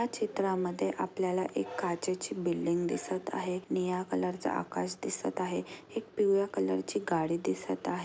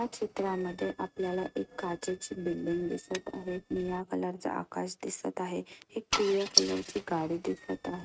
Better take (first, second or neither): first